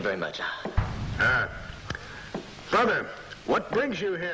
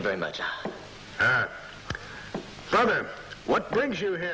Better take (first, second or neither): second